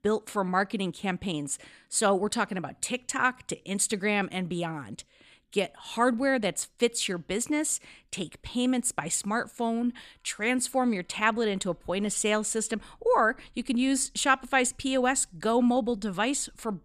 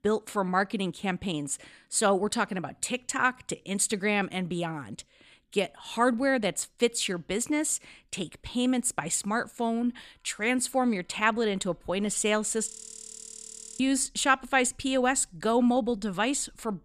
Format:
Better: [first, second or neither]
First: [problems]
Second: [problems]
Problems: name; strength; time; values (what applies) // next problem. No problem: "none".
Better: first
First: none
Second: audio freezing; at 13 s for 1 s